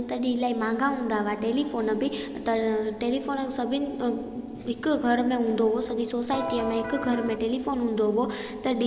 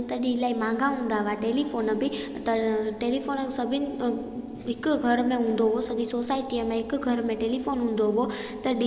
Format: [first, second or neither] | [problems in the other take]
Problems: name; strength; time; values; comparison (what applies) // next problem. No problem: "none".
second | background sound (Electric guitar); 7 dB below the speech